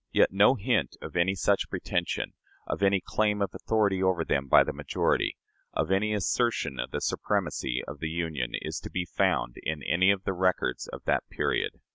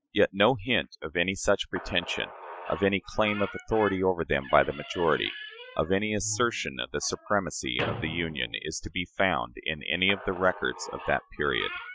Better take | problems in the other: first | noise reduction (classical method Wiener filter)

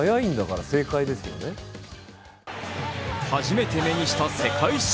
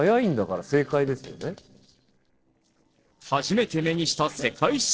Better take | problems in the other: first | noise reduction (neural separator model SepFormer DNS4)

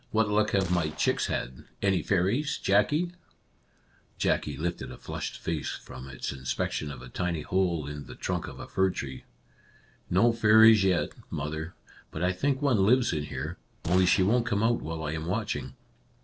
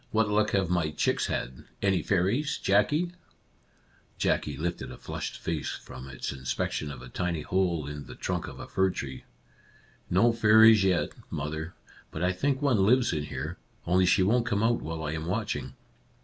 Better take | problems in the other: second | noise reduction (neural separator model SepFormer DNS4)

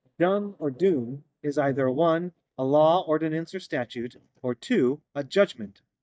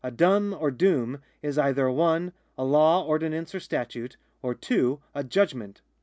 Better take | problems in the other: second | noise reduction (neural mask model DeepFilterNet 3)

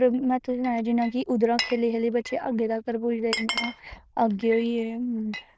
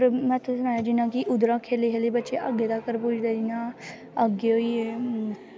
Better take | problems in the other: second | noise reduction (neural diffusion model UNIVERSE++)

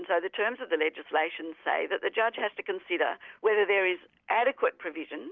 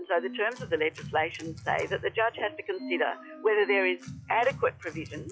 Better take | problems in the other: first | noise reduction (classical method log-MMSE)

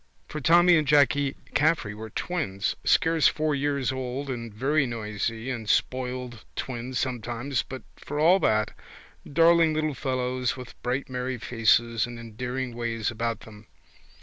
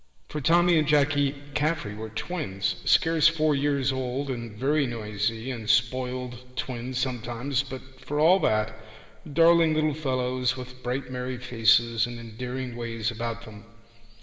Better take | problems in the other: first | room echo; dies away in 2 s

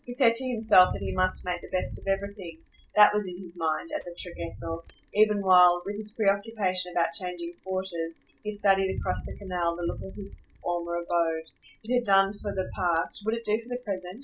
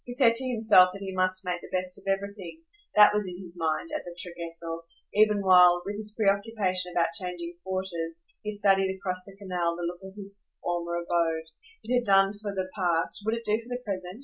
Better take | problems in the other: second | background sound (Bicycle); 14 dB below the speech

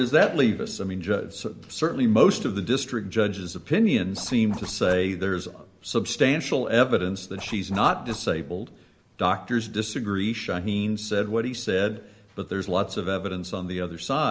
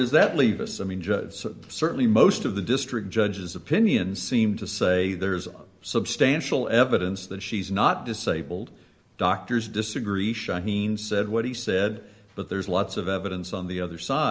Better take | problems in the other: second | background sound (Zipper (clothing)); 18 dB below the speech

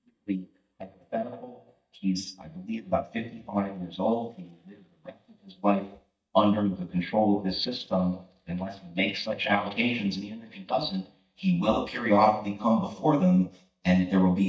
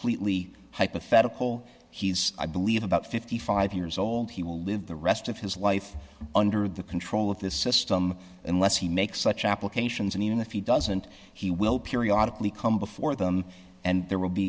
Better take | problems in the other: second | noise reduction (neural mask model DeepFilterNet 3)

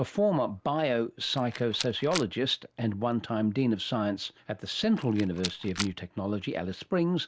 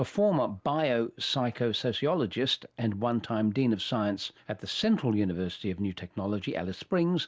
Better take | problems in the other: second | background sound (Rattle); 10 dB below the speech

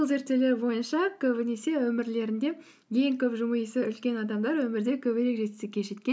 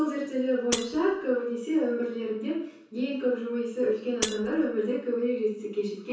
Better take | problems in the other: first | background sound (Shatter); 11 dB below the speech // room echo; dies away in 0.6 s

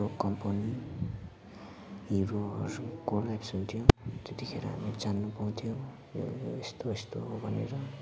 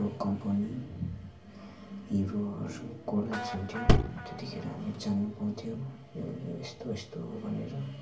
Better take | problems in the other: first | background sound (Guitar); 16 dB below the speech // room echo; dies away in 0.3 s

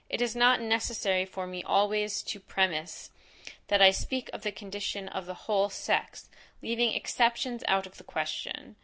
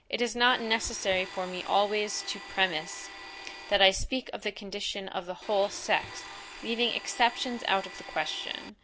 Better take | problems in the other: first | background sound (Domestic sounds, home sounds); 14 dB below the speech

